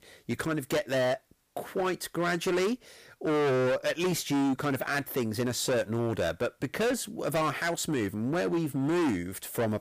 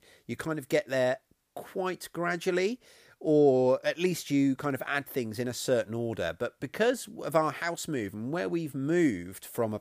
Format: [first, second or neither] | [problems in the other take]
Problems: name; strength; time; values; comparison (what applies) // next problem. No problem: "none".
second | distortion; heavy; 20% of the sound clipped